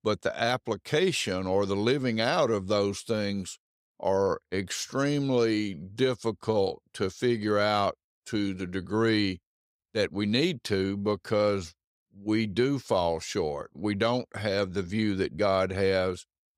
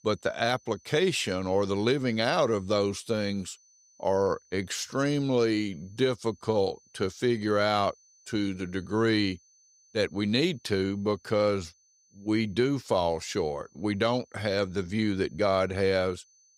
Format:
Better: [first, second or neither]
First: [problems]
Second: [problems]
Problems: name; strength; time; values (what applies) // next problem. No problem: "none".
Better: first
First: none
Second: high-pitched whine; faint; throughout; 6 kHz, 30 dB below the speech